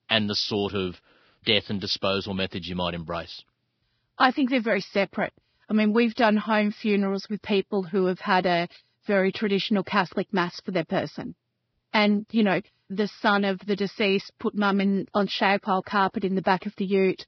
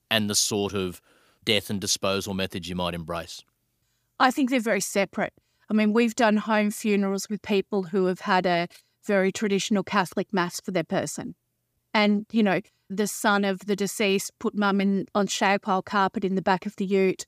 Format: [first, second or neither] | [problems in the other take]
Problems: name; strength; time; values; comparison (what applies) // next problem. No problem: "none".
second | garbled, watery; badly; nothing above 5.5 kHz